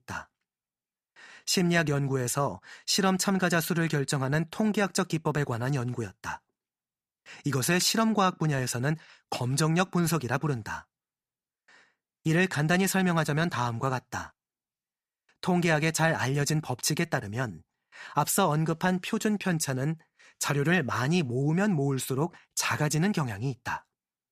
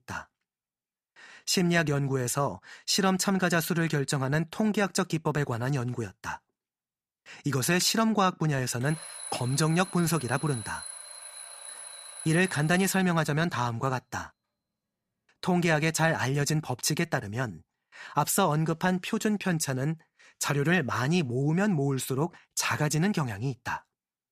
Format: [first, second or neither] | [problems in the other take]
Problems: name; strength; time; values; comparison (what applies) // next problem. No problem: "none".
first | alarm; faint; from 9 to 13 s; peak 10 dB below the speech